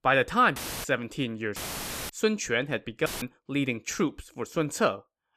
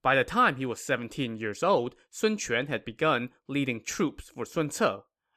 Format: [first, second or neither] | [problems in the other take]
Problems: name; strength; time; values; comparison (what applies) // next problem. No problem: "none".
second | audio cutting out; filled with static; at 0.5 s, at 1.5 s for 0.5 s and at 3 s